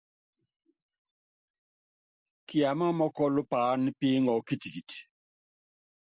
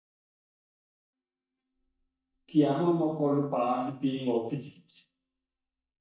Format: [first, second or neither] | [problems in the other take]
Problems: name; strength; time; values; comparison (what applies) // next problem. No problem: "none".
first | noise reduction (neural mask model DeepFilterNet 3)